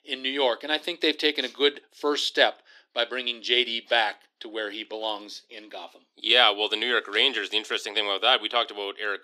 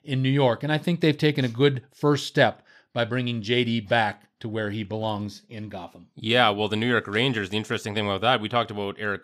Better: second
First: thin; somewhat; fading below 300 Hz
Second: none

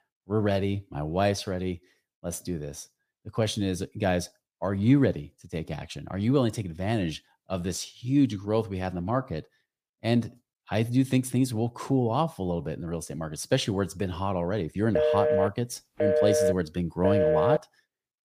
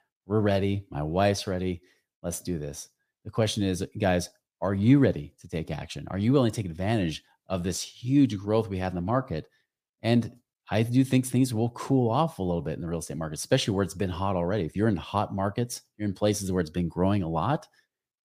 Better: second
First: phone ringing; loud; from 15 to 18 s; peak 5 dB above the speech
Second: none

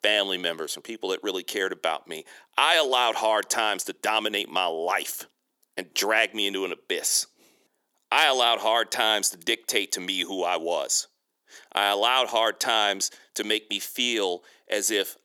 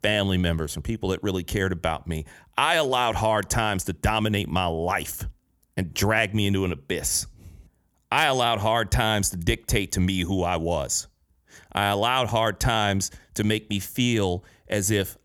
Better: second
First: thin; very; fading below 350 Hz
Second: none

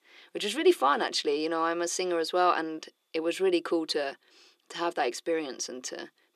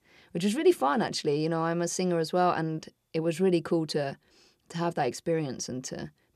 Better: second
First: thin; somewhat; fading below 300 Hz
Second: none

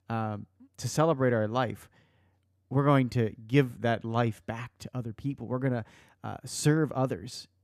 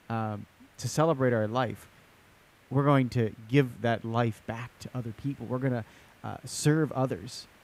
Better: first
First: none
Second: hiss; faint; throughout; 30 dB below the speech

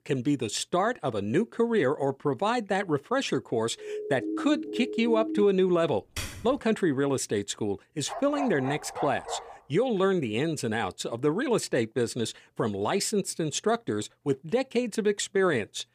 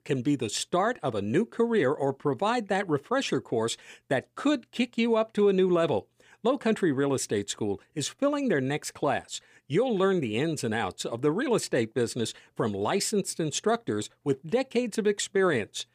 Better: second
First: siren; noticeable; from 4 to 5.5 s; peak 4 dB below the speech // keyboard typing; noticeable; at 6 s; peak 9 dB below the speech // dog barking; noticeable; from 8 to 9.5 s; peak 8 dB below the speech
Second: none

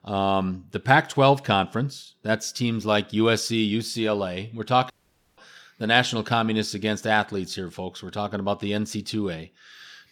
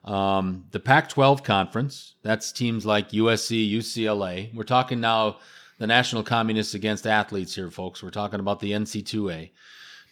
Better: second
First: audio cutting out; at 5 s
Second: none

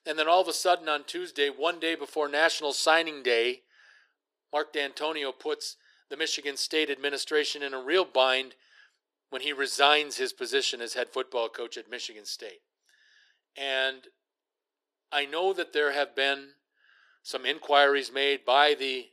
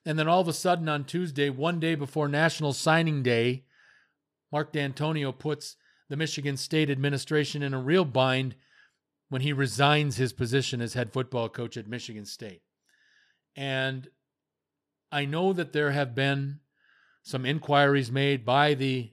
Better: second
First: thin; very; fading below 350 Hz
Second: none

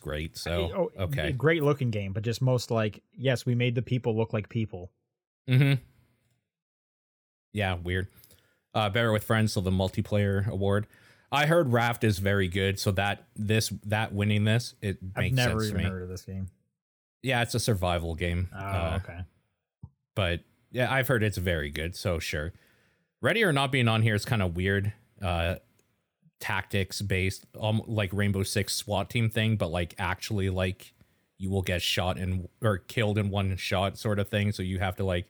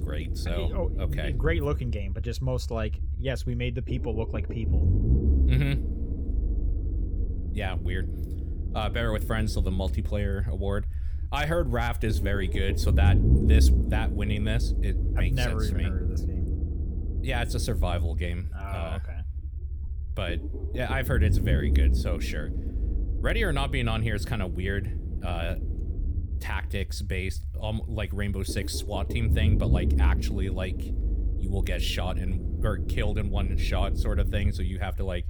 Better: first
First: none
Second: low rumble; loud; throughout; 9 dB below the speech

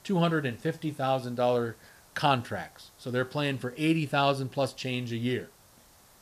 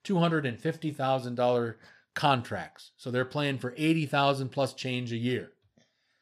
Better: second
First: hiss; faint; throughout; 25 dB below the speech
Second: none

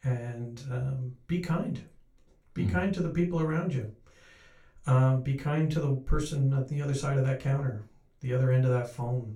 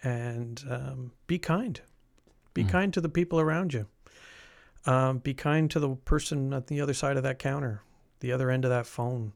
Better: second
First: off-mic speech; far // room echo; very slight; dies away in 0.2 s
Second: none

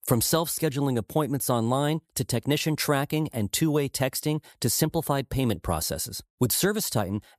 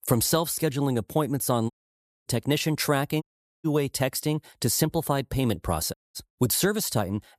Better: first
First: none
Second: audio cutting out; at 1.5 s for 0.5 s, at 3 s and at 6 s

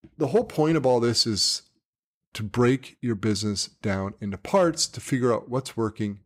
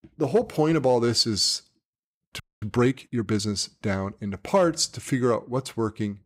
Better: first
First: none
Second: audio freezing; at 2.5 s

